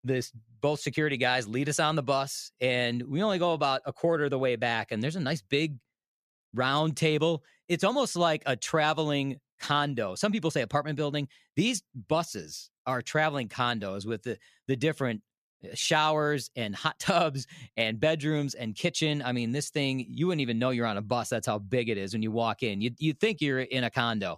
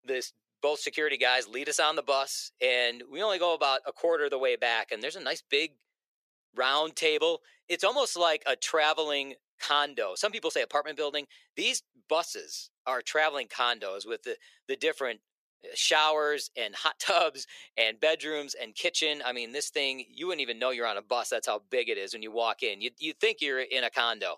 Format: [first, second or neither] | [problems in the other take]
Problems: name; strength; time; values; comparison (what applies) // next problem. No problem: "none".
first | thin; very; fading below 400 Hz